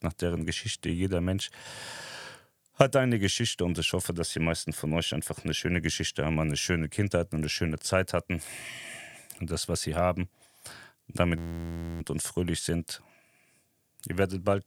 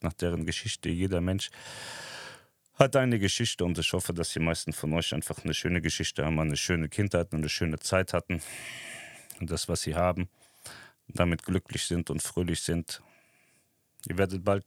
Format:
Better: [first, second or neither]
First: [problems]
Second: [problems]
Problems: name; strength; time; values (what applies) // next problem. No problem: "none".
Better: second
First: audio freezing; at 11 s for 0.5 s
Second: none